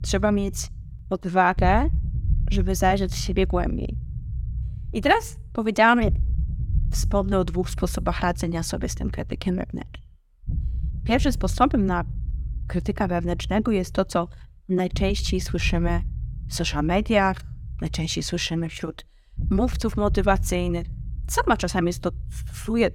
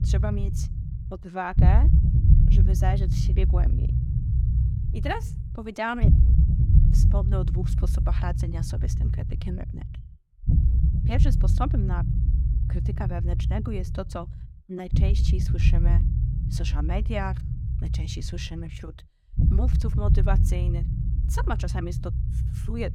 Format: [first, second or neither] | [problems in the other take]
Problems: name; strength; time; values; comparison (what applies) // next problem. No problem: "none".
first | low rumble; loud; throughout; 4 dB below the speech; faint in the first